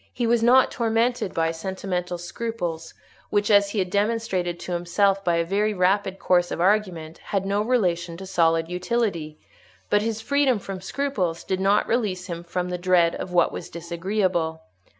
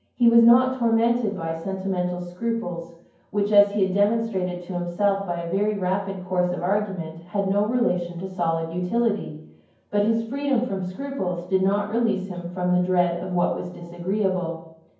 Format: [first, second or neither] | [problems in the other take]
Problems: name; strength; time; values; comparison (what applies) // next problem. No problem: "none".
first | room echo; dies away in 0.9 s